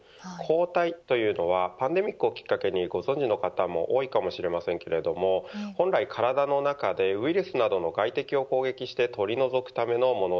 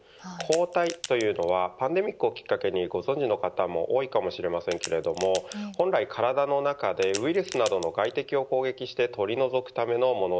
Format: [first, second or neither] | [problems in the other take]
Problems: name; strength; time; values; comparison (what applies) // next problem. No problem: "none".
first | background sound (Crack); 14 dB below the speech